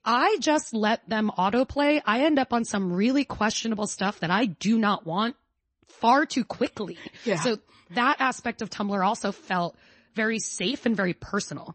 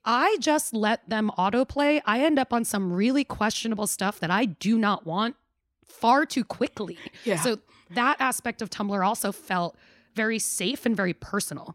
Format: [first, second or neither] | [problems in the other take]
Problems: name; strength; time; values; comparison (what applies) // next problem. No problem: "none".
second | garbled, watery; slightly; nothing above 8 kHz